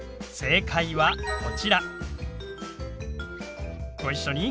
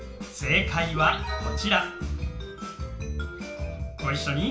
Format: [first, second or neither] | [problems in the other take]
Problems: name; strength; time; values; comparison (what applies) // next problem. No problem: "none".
first | room echo; dies away in 0.4 s